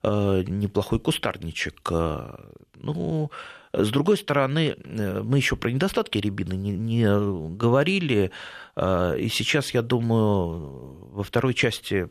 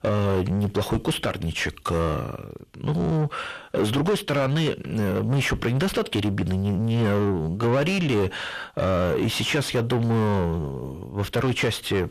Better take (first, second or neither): first